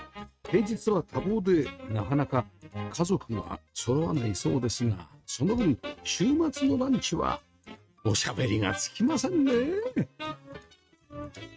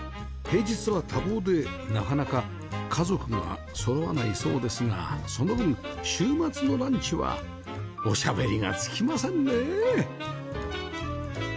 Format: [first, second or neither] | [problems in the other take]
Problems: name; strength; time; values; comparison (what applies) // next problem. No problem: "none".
second | noise reduction (neural mask model RNNoise)